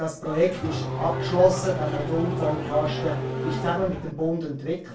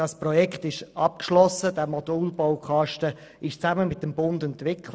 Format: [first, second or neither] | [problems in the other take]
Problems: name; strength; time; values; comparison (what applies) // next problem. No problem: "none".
second | background sound (Race car, auto racing / Engine starting); 4 dB below the speech // room echo; dies away in 0.3 s